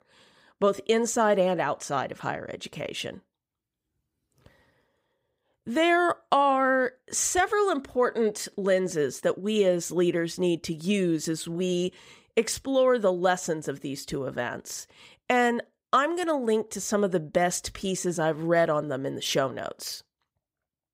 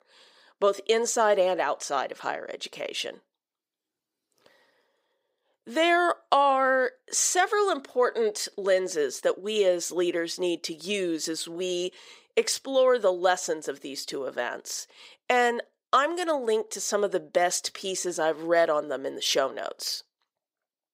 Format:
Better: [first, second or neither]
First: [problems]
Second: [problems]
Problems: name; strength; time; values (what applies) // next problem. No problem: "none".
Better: first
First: none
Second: thin; somewhat; fading below 450 Hz